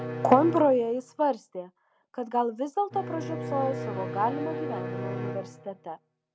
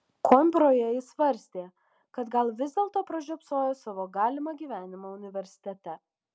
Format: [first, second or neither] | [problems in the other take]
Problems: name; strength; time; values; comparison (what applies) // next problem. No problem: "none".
second | background sound (Bowed string instrument); 8 dB below the speech